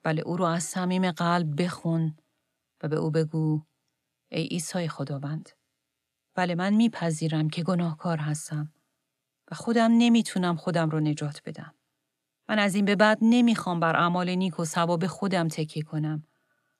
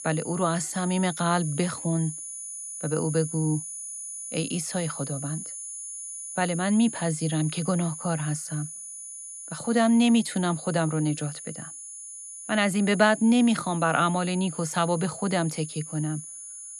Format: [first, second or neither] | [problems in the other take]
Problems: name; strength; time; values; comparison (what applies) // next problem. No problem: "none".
first | high-pitched whine; loud; throughout; 10 kHz, 10 dB below the speech